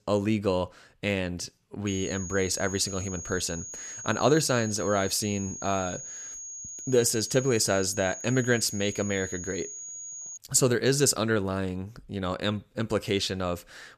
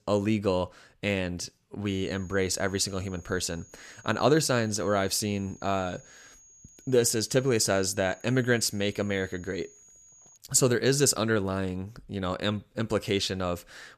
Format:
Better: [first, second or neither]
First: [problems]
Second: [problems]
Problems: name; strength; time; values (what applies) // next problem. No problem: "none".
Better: second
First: high-pitched whine; loud; from 2 to 10 s; 6.5 kHz, 10 dB below the speech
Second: high-pitched whine; faint; from 2 to 10 s; 6.5 kHz, 25 dB below the speech